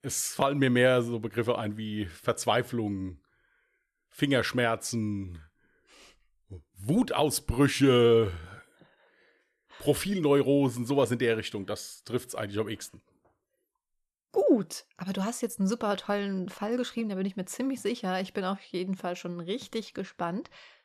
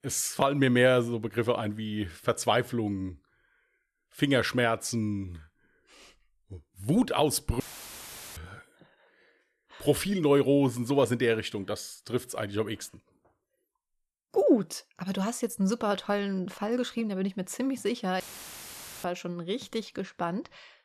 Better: first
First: none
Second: audio cutting out; filled with static; at 7.5 s for 1 s and at 18 s for 1 s

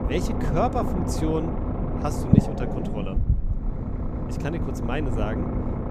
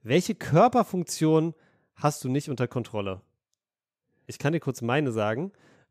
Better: second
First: low rumble; loud; throughout; 2 dB below the speech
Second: none

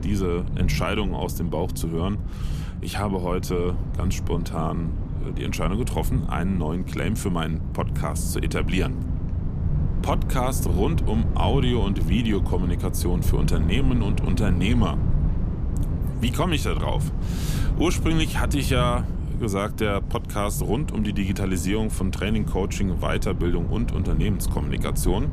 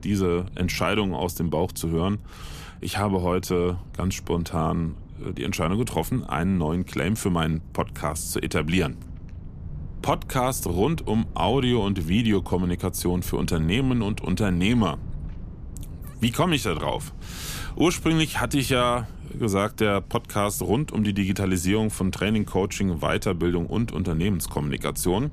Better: second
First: low rumble; loud; throughout; 10 dB below the speech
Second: low rumble; faint; throughout; 25 dB below the speech

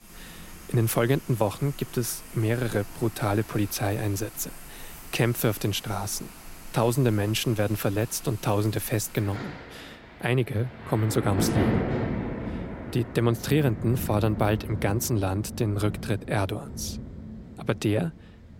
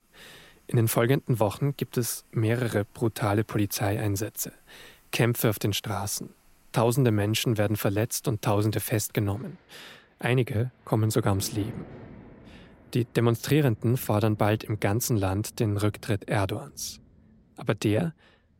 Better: second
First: rain or running water; loud; throughout; 9 dB below the speech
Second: rain or running water; faint; throughout; 25 dB below the speech

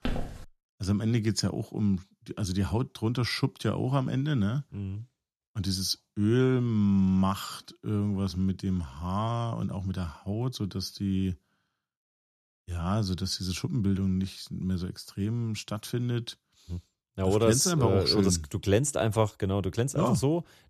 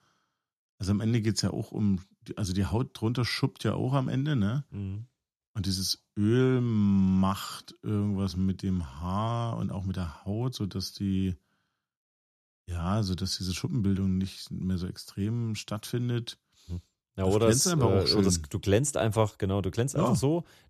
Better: second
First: footsteps; noticeable; at the start; peak 6 dB below the speech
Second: none

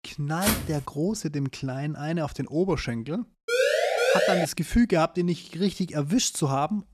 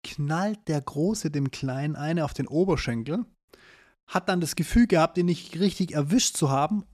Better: second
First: footsteps; loud; at 0.5 s; peak level with the speech // siren; loud; at 3.5 s; peak 5 dB above the speech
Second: none

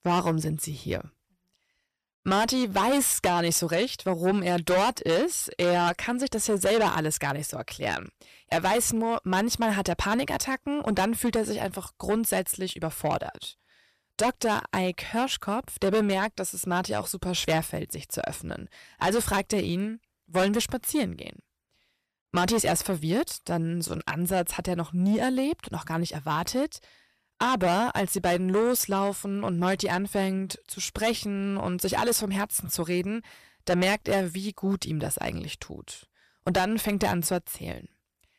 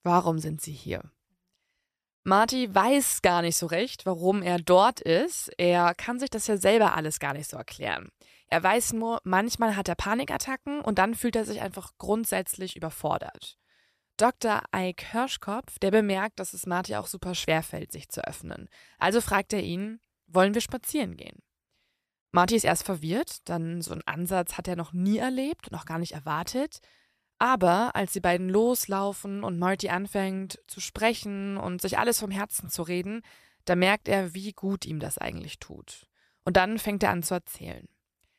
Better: second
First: distortion; heavy; 7 dB below the speech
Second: none

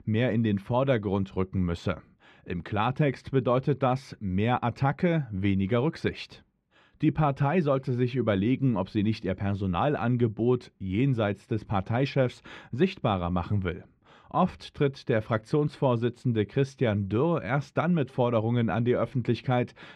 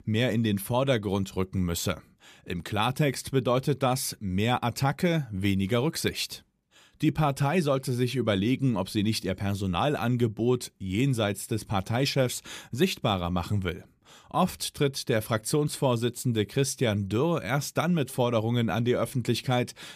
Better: second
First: muffled; very; fading above 2 kHz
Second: none

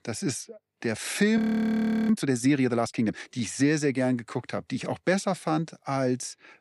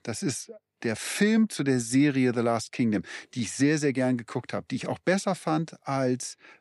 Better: second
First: audio freezing; at 1.5 s for 0.5 s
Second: none

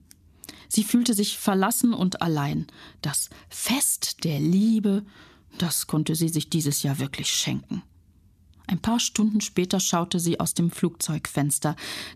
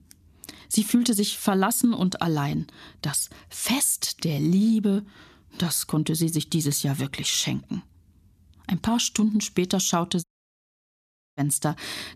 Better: first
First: none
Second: audio cutting out; at 10 s for 1 s

